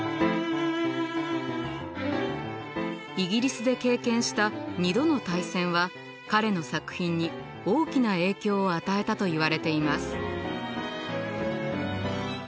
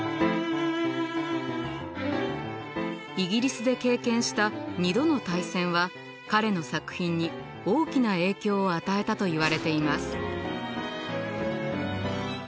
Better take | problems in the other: first | background sound (Gunshot, gunfire); 16 dB below the speech

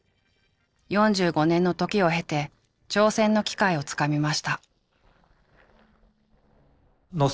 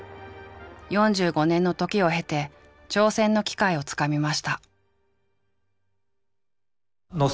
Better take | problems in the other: second | noise reduction (neural separator model SepFormer DNS4)

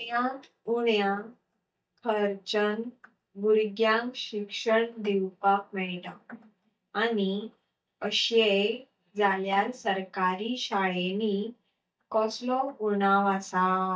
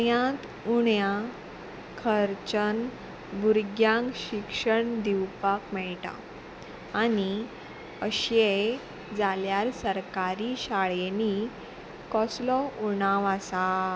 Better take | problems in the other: second | noise reduction (neural mask model DeepFilterNet 3)

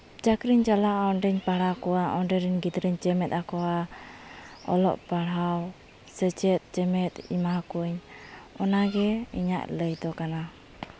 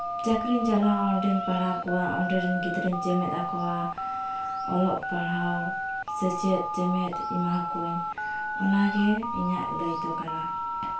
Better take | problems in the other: first | background sound (Telephone); 3 dB below the speech // room echo; dies away in 0.3 s

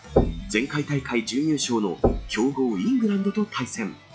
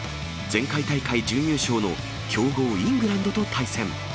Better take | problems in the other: second | noise reduction (classical method log-MMSE)

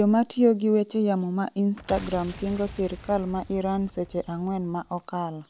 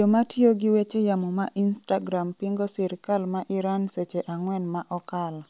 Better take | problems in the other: second | background sound (Boom); 17 dB below the speech

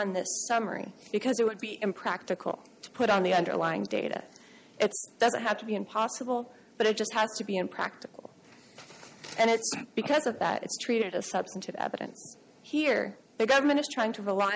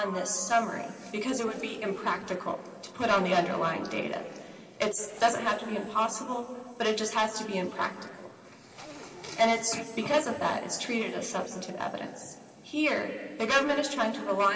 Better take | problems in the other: first | background sound (Zipper (clothing)); 18 dB below the speech // room echo; dies away in 2.6 s

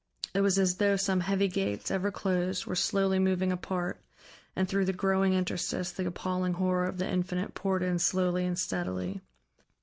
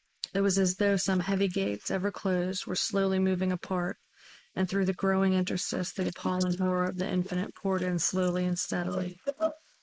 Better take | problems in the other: first | noise reduction (neural mask model Resemble Enhance denoiser)

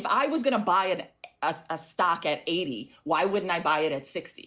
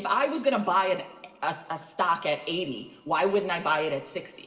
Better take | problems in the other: first | room echo; dies away in 2.5 s

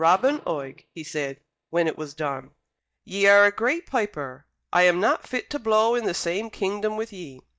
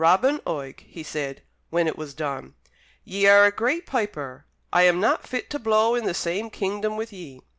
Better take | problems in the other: second | noise reduction (neural mask model DeepFilterNet 3)

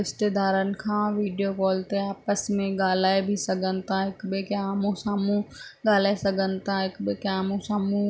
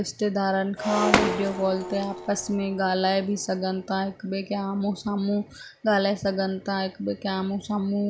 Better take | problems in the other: first | background sound (Shatter); 4 dB below the speech

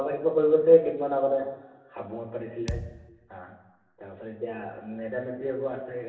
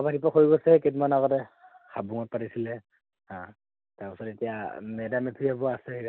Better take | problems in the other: second | background sound (Thump, thud); 11 dB below the speech // room echo; dies away in 1 s

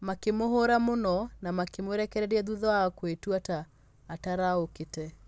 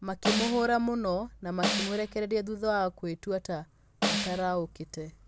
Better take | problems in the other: first | background sound (Snare drum); 3 dB below the speech

